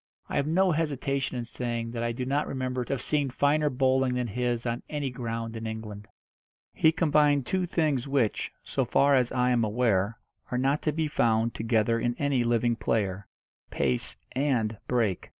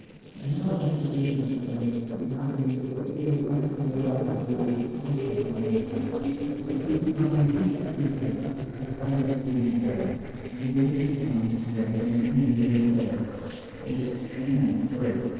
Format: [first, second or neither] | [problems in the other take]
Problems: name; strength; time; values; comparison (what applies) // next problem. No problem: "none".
first | noise reduction (neural separator model SepFormer DNS4)